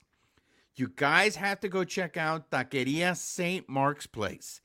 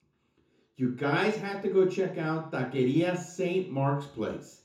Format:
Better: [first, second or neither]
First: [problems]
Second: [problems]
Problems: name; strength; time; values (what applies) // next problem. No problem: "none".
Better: first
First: none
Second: room echo; slight; dies away in 0.6 s // off-mic speech; far